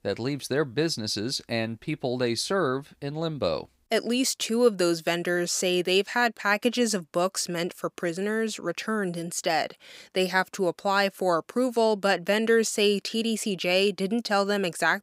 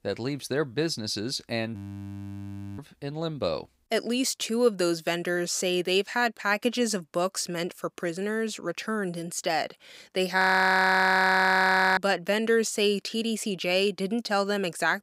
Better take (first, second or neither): first